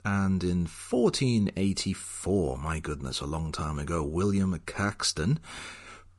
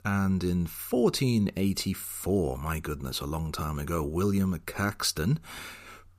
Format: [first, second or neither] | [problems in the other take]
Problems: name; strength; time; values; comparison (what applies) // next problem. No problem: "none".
second | garbled, watery; slightly; nothing above 10 kHz